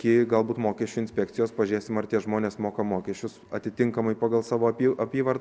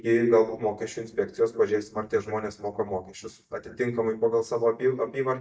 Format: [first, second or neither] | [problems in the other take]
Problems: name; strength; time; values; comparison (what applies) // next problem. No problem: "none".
first | noise reduction (neural mask model DeepFilterNet 3)